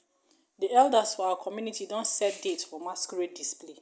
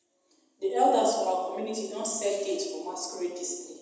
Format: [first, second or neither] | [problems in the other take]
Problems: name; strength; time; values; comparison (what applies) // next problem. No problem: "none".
first | room echo; dies away in 1 s